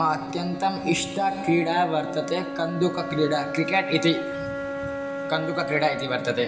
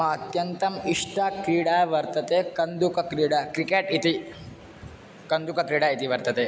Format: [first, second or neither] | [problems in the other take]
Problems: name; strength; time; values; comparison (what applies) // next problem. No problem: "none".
second | background sound (Wind instrument, woodwind instrument); 7 dB below the speech // room echo; dies away in 0.9 s